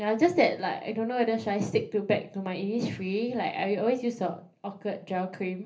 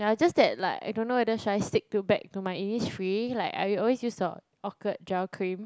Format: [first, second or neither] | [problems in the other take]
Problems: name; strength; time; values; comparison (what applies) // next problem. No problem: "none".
second | room echo; dies away in 0.3 s